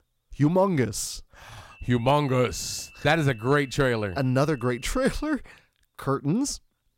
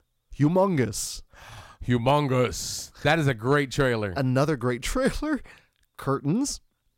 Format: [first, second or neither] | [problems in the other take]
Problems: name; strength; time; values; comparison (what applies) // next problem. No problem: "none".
second | high-pitched whine; faint; from 1.5 to 5.5 s; 2.5 kHz, 25 dB below the speech